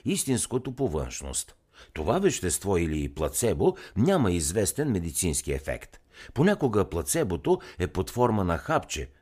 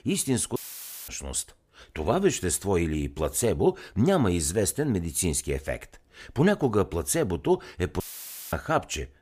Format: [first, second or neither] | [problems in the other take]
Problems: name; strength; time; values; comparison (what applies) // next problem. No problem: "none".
first | audio cutting out; filled with static; at 0.5 s for 0.5 s and at 8 s for 0.5 s